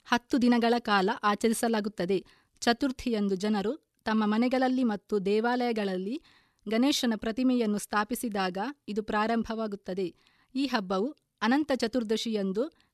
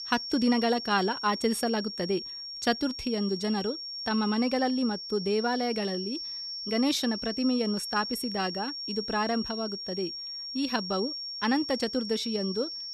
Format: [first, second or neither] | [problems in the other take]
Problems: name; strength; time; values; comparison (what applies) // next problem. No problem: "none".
first | high-pitched whine; loud; throughout; 5.5 kHz, 5 dB below the speech